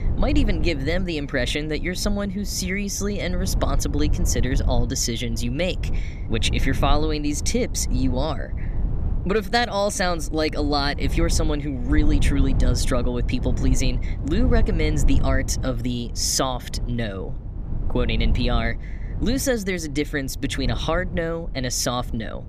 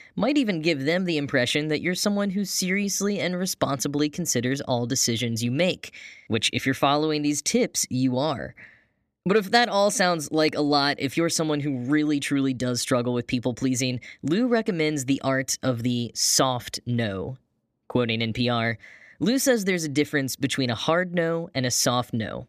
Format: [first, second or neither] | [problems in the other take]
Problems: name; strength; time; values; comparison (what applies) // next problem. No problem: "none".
second | low rumble; noticeable; throughout; 15 dB below the speech